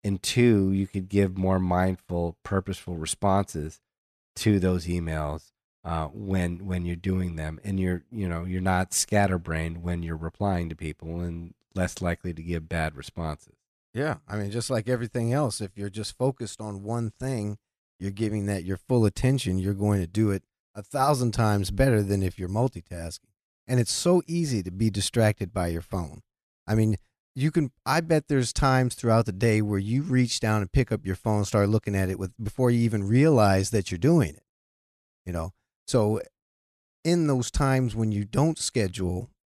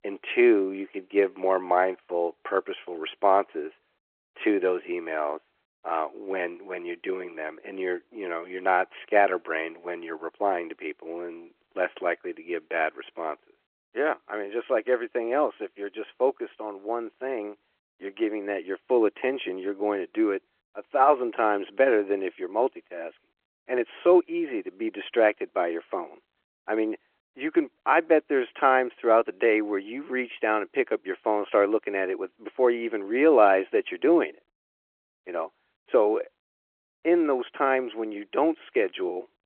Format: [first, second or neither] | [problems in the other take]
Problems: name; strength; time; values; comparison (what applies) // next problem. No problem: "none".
first | phone-call audio